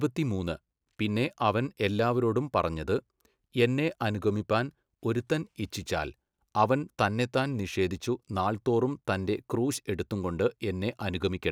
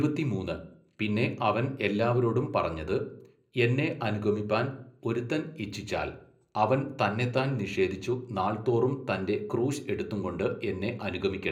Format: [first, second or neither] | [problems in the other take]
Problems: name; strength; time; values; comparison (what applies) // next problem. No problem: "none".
first | room echo; dies away in 0.5 s